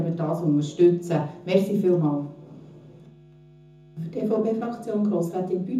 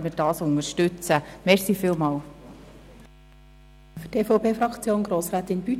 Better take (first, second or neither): second